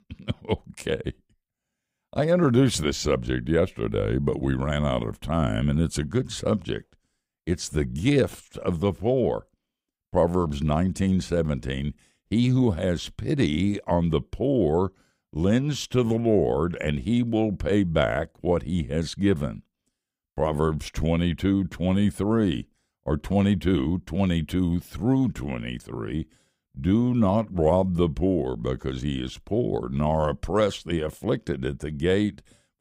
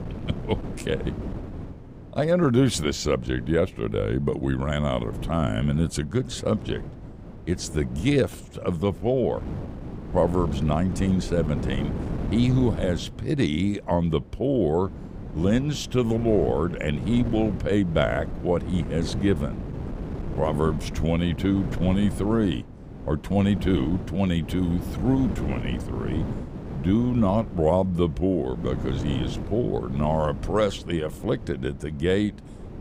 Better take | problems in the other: first | wind noise on the microphone; occasional gusts; 15 dB below the speech

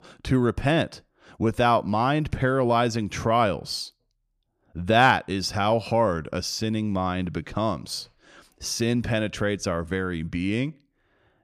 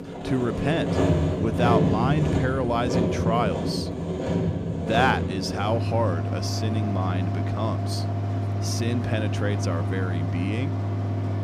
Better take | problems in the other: first | machinery noise; very loud; throughout; 2 dB above the speech

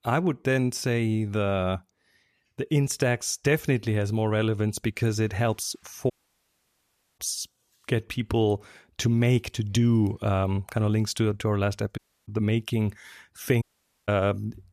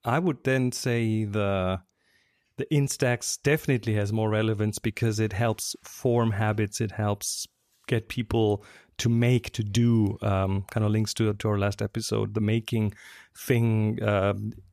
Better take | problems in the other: second | audio cutting out; at 6 s for 1 s, at 12 s and at 14 s

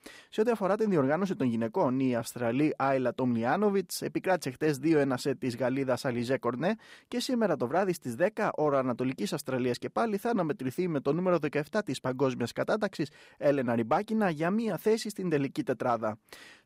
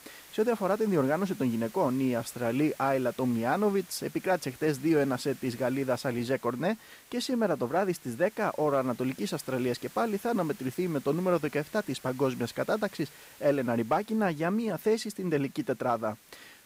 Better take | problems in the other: first | hiss; faint; throughout; 20 dB below the speech

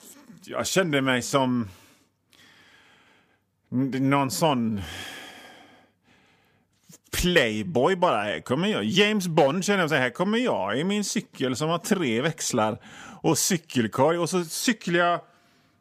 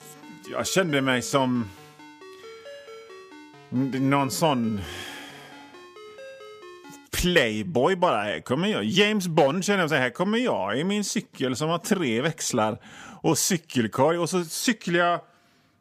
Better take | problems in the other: first | phone ringing; faint; until 7 s; peak 20 dB below the speech

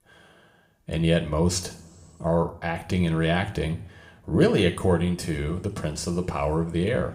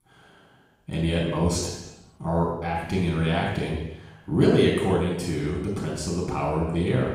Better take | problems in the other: first | room echo; strong; dies away in 0.9 s; slight in the first // off-mic speech; far

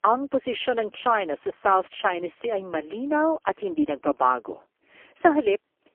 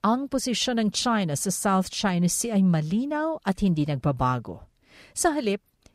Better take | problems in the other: second | phone-call audio; poor line; nothing above 3.5 kHz

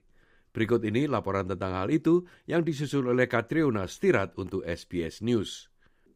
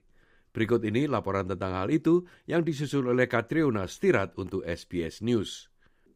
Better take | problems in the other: neither | none

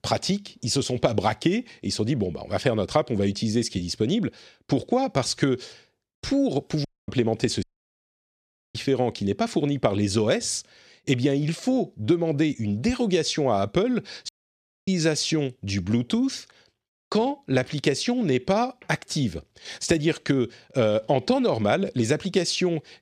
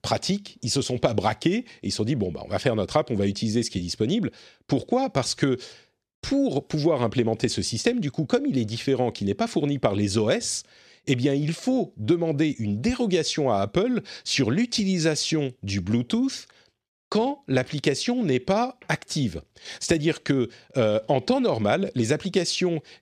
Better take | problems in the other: second | audio cutting out; at 7 s, at 7.5 s for 1 s and at 14 s for 0.5 s

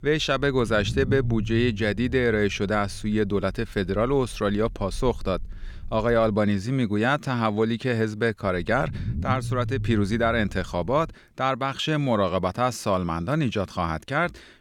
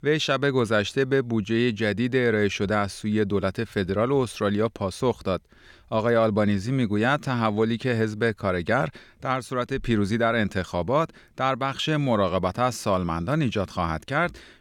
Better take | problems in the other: second | low rumble; noticeable; until 6.5 s and from 8.5 to 11 s; 20 dB below the speech

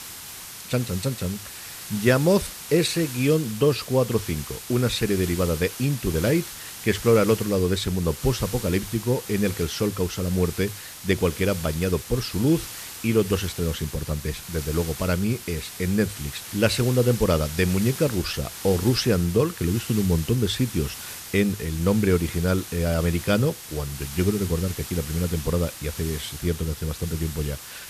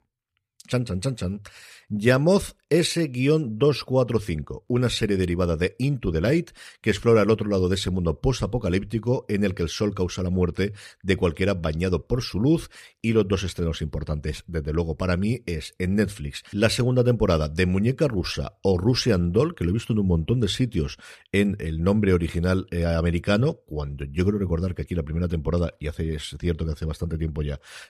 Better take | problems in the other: second | hiss; noticeable; throughout; 10 dB below the speech

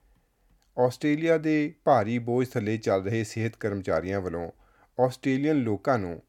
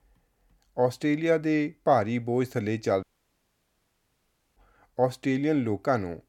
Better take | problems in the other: first | audio cutting out; at 3 s for 1.5 s

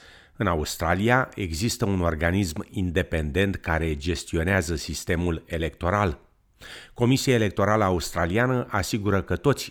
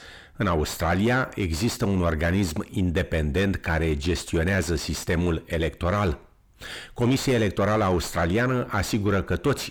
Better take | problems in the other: first | distortion; heavy; 6 dB below the speech

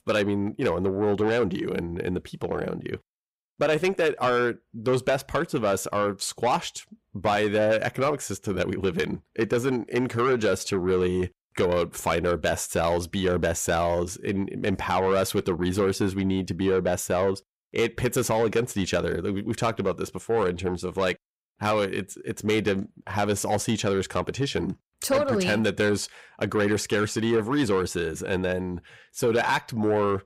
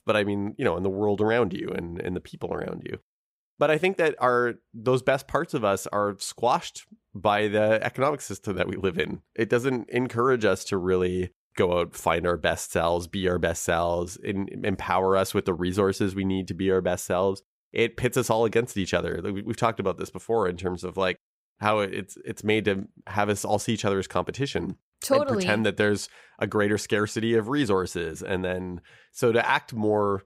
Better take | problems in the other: second | distortion; slight; 10 dB below the speech

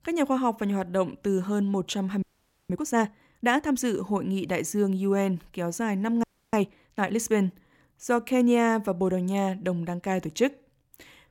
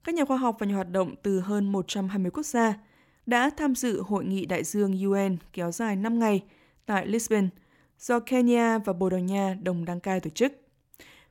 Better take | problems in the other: second | audio freezing; at 2 s and at 6 s

